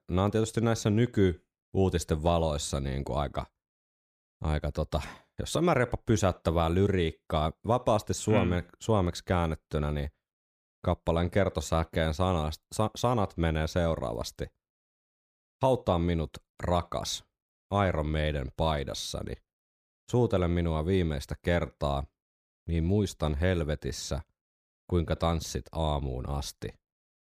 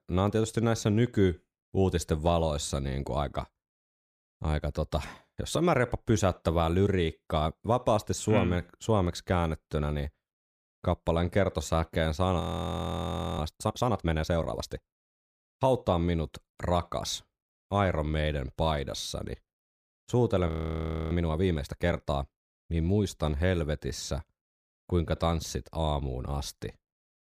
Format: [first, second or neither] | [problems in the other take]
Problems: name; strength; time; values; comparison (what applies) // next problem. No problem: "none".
first | audio freezing; at 12 s for 1 s and at 20 s for 0.5 s